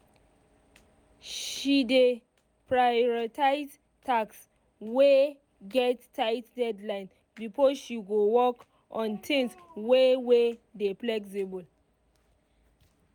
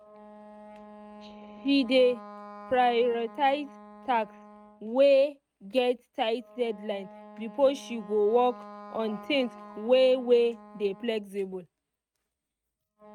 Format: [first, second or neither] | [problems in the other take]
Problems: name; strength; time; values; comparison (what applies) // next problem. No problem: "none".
first | noise reduction (neural mask model RNNoise)